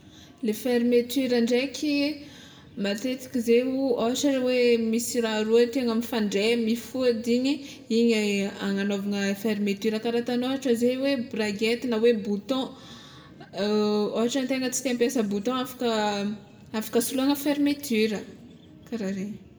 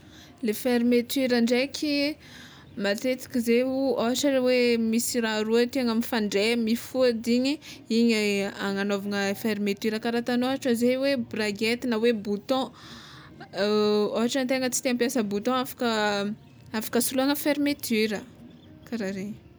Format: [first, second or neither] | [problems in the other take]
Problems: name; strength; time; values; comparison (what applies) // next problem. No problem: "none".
second | room echo; dies away in 0.7 s